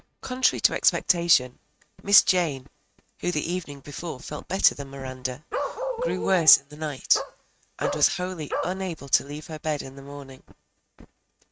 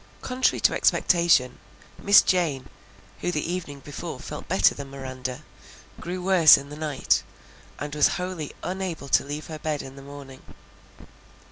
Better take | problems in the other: second | noise reduction (neural mask model RNNoise)

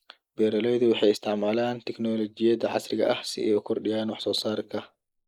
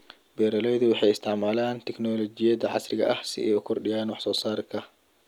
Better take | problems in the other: second | noise reduction (neural mask model Resemble Enhance denoiser)

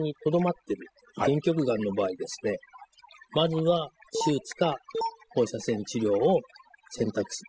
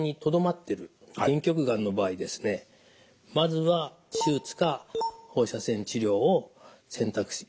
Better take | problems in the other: second | noise reduction (classical method spectral subtraction)

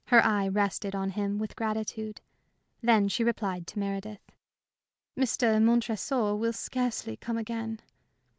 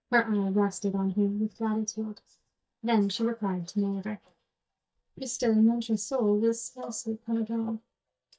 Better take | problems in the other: first | noise reduction (neural mask model DeepFilterNet 3)

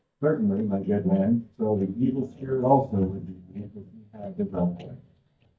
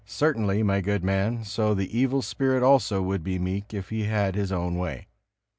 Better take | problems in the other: second | noise reduction (neural mask model DeepFilterNet 3)

